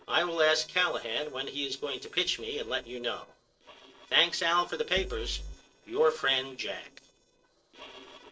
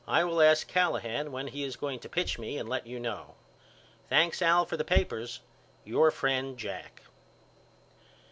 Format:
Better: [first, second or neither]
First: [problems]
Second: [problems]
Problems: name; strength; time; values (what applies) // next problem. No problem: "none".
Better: second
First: noise reduction (neural separator model SepFormer DNS4)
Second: none